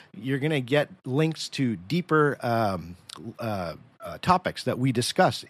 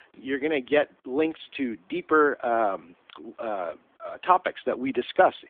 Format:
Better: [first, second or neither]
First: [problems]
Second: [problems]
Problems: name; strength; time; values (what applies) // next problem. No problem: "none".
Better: first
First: none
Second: phone-call audio